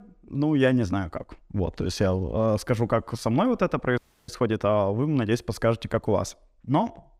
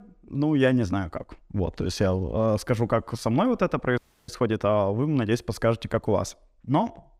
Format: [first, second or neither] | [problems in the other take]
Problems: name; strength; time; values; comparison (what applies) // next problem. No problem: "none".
neither | audio freezing; at 4 s; the same in both